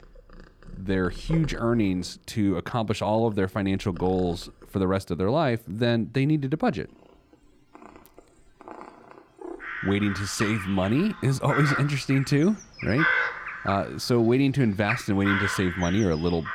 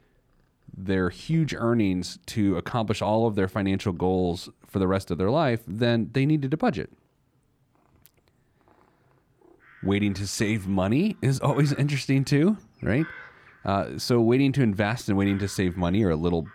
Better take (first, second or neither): second